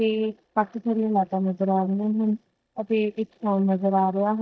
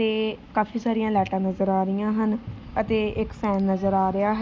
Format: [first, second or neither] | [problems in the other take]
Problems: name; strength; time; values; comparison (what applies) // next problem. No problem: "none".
second | noise reduction (neural mask model DeepFilterNet 3)